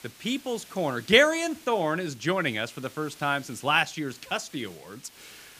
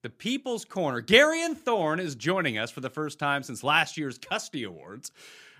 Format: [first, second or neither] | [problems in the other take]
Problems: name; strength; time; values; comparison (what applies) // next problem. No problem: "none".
second | hiss; faint; throughout; 25 dB below the speech